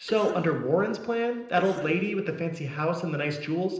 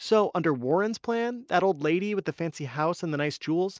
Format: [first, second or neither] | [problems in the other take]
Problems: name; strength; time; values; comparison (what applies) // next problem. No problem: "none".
second | noise reduction (neural separator model SepFormer DNS4)